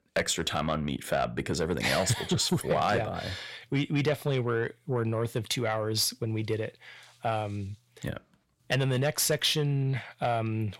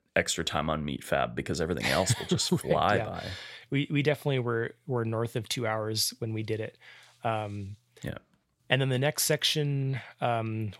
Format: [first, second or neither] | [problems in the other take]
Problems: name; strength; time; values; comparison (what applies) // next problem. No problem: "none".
second | distortion; slight; 10 dB below the speech